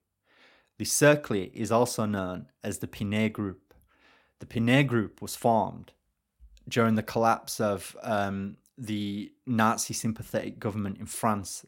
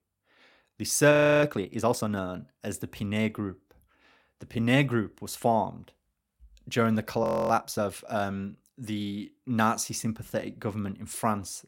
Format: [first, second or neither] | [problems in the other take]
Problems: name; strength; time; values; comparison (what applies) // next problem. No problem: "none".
first | audio freezing; at 1 s and at 7 s